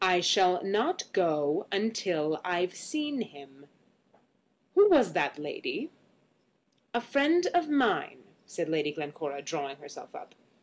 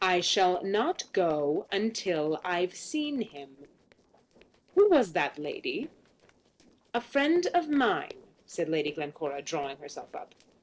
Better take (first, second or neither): first